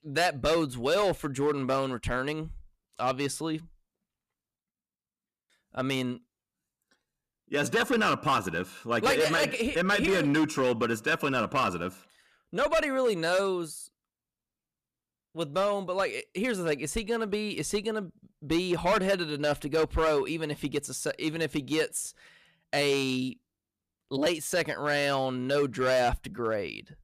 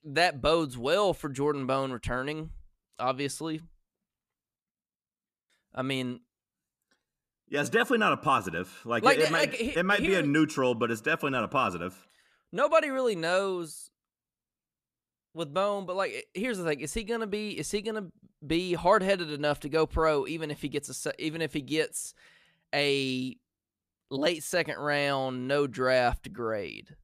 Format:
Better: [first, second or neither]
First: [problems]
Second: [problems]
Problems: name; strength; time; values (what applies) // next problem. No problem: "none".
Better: second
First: distortion; slight; 5% of the sound clipped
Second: none